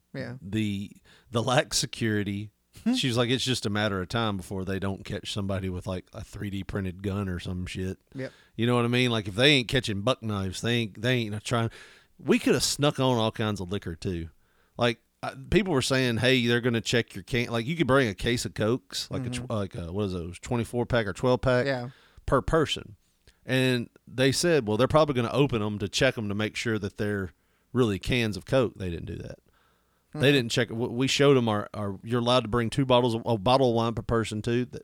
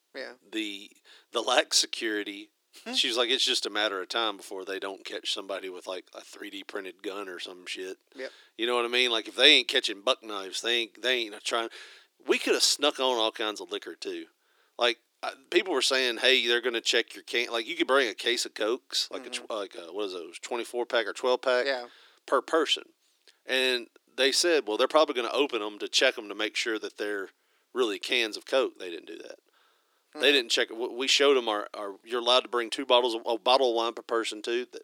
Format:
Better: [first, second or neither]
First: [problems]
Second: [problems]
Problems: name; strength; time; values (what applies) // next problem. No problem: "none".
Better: first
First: none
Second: thin; somewhat; fading below 300 Hz